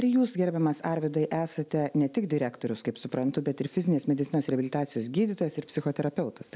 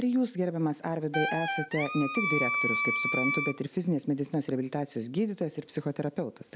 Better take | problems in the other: first | background sound (Wind instrument, woodwind instrument); as loud as the speech

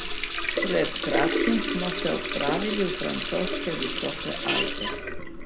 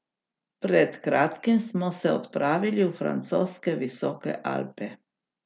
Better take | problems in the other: second | background sound (Water tap, faucet); 2 dB above the speech

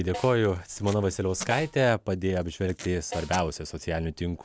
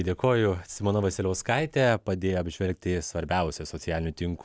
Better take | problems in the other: second | background sound (Snare drum + Packing tape, duct tape); 15 dB below the speech

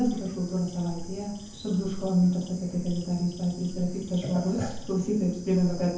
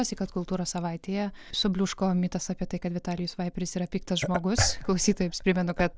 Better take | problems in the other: second | background sound (Bird / Insect); 13 dB below the speech // room echo; dies away in 0.7 s

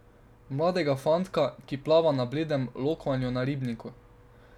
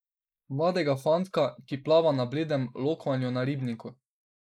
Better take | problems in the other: first | noise reduction (neural mask model Resemble Enhance denoiser)

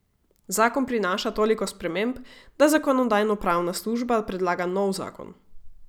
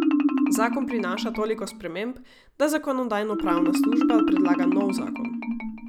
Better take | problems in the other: first | background sound (Marimba, xylophone); 4 dB above the speech

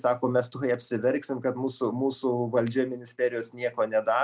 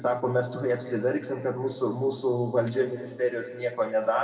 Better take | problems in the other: first | room echo; dies away in 1.8 s

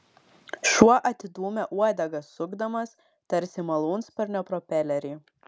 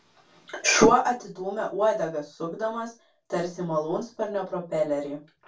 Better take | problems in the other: first | room echo; dies away in 0.2 s

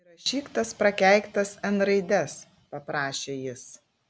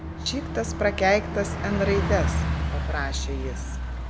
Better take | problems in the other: first | background sound (Bus); as loud as the speech

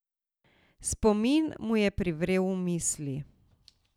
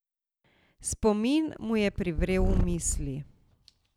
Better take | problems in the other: first | background sound (Purr); 1 dB below the speech

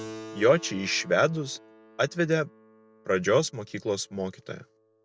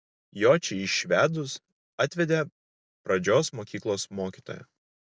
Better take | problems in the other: second | background sound (Keyboard (musical)); 19 dB below the speech

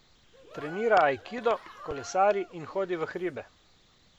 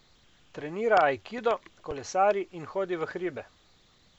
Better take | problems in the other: second | background sound (Cheering); 18 dB below the speech

